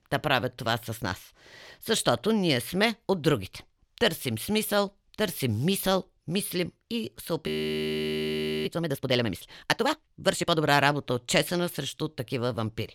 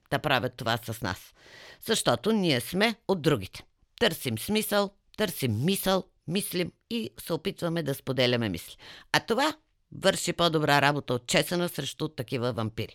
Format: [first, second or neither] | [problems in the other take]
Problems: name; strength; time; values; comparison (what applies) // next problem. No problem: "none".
second | audio freezing; at 7.5 s for 1 s